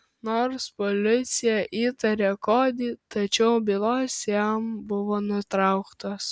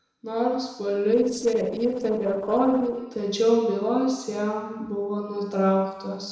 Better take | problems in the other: first | noise reduction (neural separator model SepFormer DNS4)

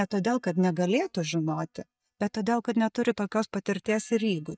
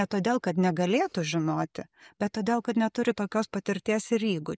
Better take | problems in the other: second | noise reduction (neural mask model DeepFilterNet 3)

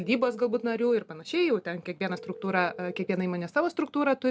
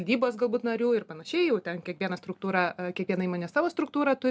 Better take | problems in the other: second | background sound (Telephone); 16 dB below the speech

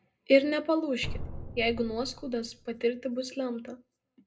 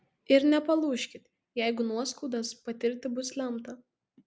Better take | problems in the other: second | background sound (Drum); 11 dB below the speech // room echo; dies away in 0.2 s

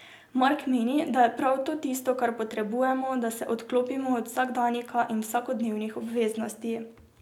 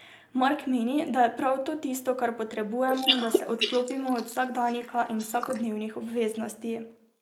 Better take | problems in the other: first | noise reduction (neural mask model Resemble Enhance denoiser)

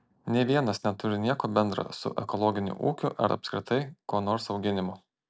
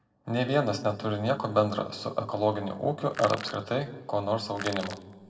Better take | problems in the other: first | background sound (Crushing); 11 dB below the speech // room echo; dies away in 1 s

